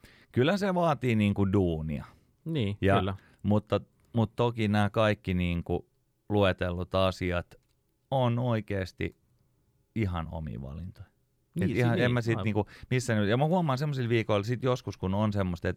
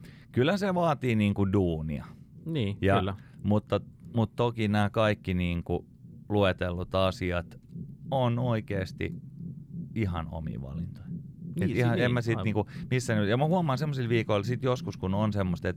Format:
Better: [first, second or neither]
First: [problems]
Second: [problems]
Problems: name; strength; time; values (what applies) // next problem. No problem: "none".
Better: first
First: none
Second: low rumble; faint; throughout; 20 dB below the speech